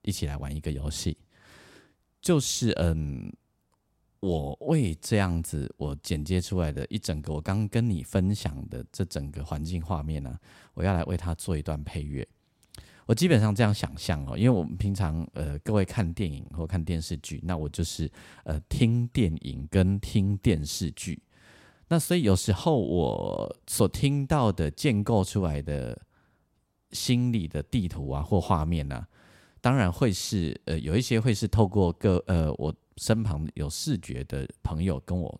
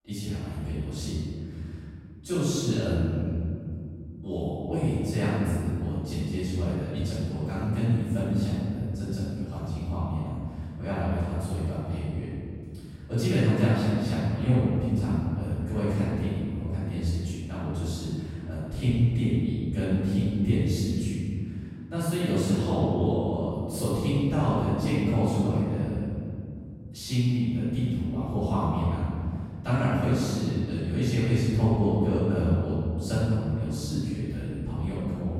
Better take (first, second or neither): first